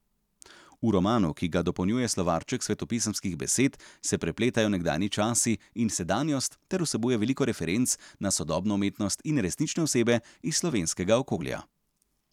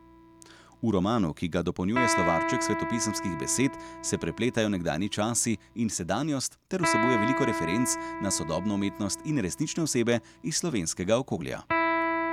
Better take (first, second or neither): first